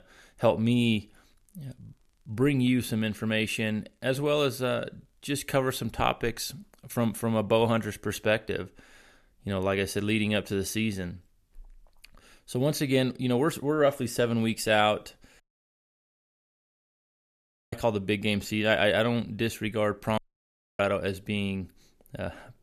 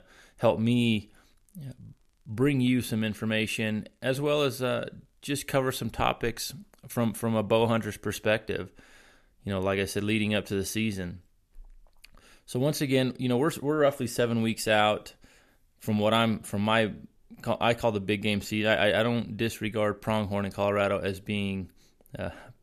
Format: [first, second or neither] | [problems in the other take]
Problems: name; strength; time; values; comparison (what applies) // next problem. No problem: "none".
second | audio cutting out; at 15 s for 2.5 s and at 20 s for 0.5 s